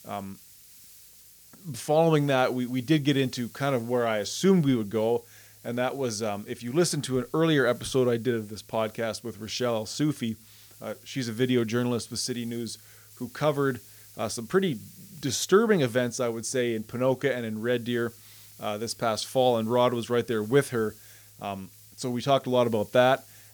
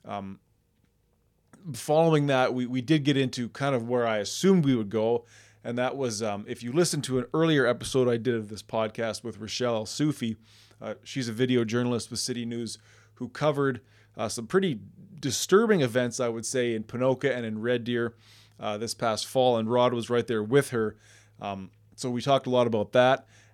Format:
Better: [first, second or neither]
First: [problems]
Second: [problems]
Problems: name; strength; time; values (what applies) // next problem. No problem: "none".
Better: second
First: hiss; faint; throughout; 25 dB below the speech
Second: none